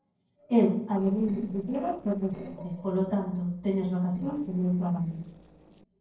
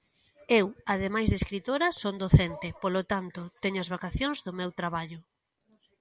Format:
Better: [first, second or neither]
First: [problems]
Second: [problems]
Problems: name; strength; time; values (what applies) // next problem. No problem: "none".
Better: second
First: noise reduction (neural separator model SepFormer DNS4)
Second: none